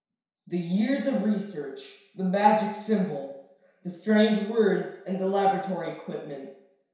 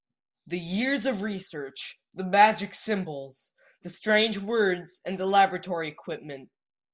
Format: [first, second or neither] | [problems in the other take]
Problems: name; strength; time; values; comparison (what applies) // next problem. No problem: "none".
second | room echo; dies away in 0.7 s